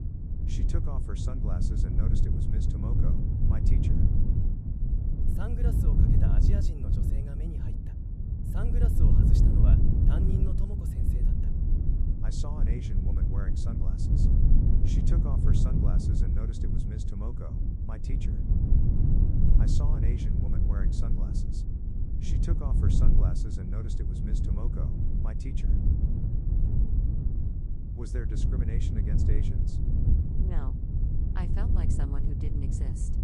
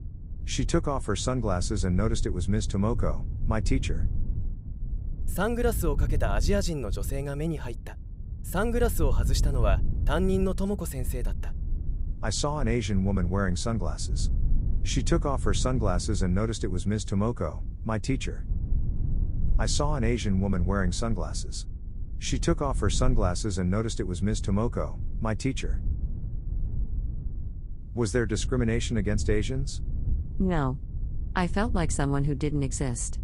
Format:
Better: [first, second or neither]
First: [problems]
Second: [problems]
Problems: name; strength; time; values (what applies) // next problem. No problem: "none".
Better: second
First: wind noise on the microphone; heavy; 4 dB above the speech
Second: wind noise on the microphone; occasional gusts; 15 dB below the speech